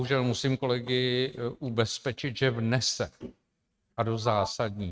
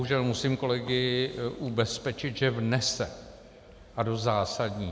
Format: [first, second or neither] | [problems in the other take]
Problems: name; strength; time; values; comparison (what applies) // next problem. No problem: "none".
second | noise reduction (neural mask model RNNoise)